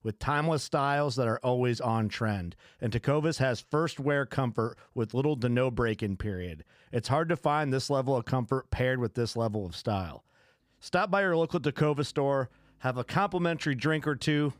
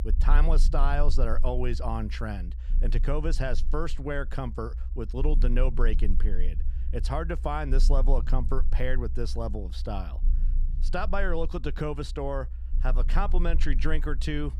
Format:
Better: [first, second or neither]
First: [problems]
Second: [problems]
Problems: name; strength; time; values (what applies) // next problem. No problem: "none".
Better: first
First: none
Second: low rumble; noticeable; throughout; 20 dB below the speech